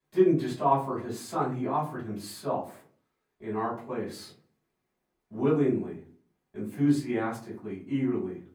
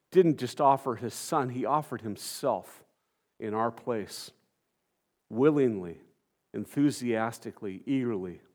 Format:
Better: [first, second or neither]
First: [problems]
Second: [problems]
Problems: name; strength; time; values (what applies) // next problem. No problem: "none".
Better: second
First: room echo; slight; dies away in 0.4 s // off-mic speech; far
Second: none